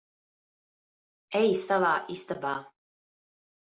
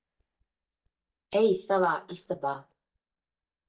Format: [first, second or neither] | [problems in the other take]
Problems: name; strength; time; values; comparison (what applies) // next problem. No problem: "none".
first | noise reduction (neural mask model DeepFilterNet 3)